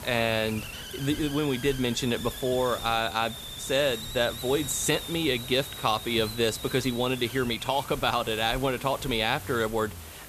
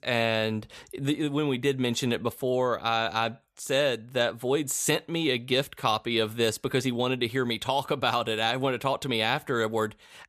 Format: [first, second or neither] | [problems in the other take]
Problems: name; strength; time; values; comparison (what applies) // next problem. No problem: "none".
second | hiss; noticeable; throughout; 10 dB below the speech